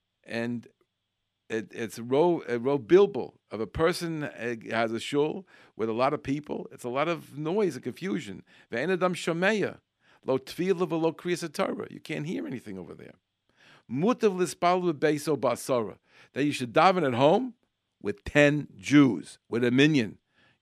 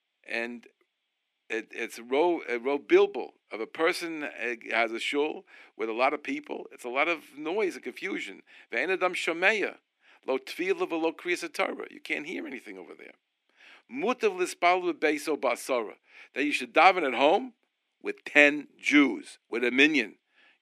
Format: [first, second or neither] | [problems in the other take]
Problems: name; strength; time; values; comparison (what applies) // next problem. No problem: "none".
first | thin; very slightly; fading below 300 Hz